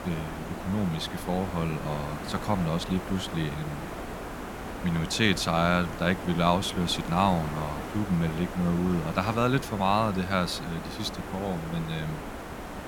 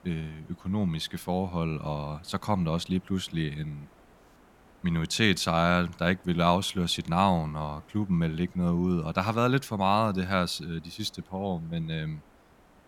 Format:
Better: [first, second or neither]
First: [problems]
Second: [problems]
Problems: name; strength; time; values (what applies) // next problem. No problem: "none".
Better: second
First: hiss; loud; throughout; 9 dB below the speech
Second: hiss; faint; throughout; 30 dB below the speech